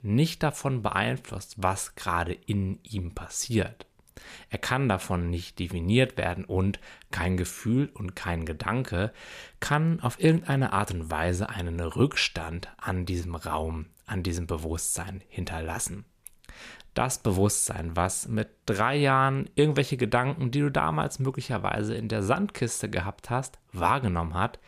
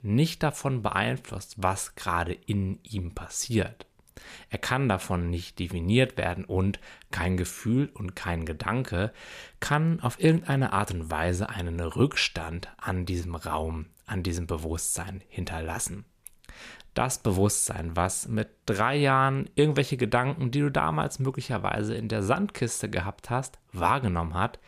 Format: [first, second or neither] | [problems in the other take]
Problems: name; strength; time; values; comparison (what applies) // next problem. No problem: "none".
neither | none